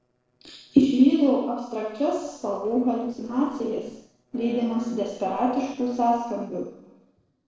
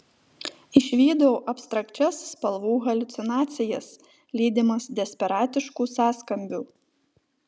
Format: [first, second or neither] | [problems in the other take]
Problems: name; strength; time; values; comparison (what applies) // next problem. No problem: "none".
second | noise reduction (neural separator model SepFormer DNS4)